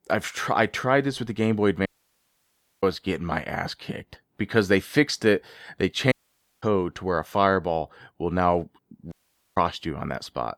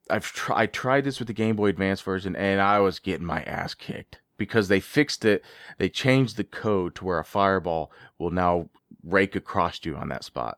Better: second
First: audio cutting out; at 2 s for 1 s, at 6 s for 0.5 s and at 9 s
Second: none

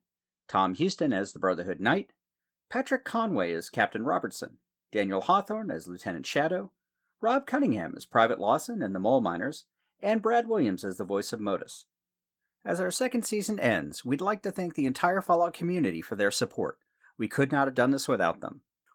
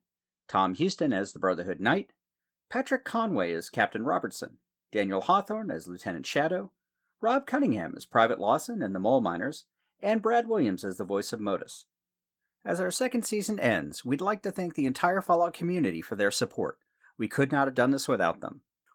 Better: neither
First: garbled, watery; slightly; nothing above 18 kHz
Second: garbled, watery; slightly; nothing above 18 kHz

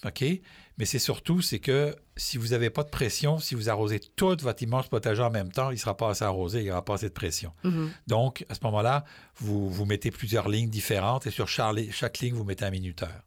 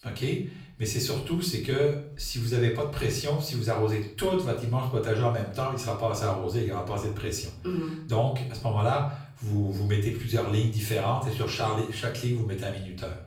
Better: first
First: none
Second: off-mic speech; far // room echo; slight; dies away in 0.5 s

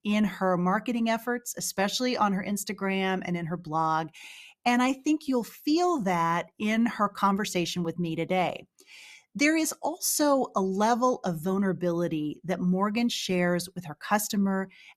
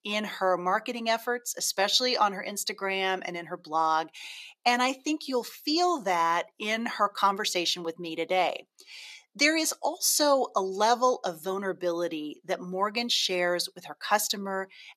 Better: first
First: none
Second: thin; somewhat; fading below 450 Hz

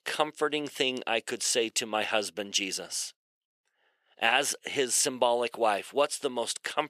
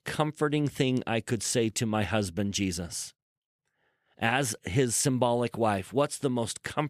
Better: second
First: thin; somewhat; fading below 500 Hz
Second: none

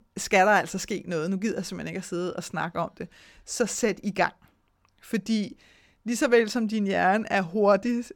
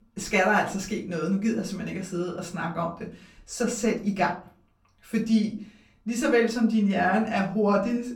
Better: first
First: none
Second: room echo; slight; dies away in 0.3 s // off-mic speech; far

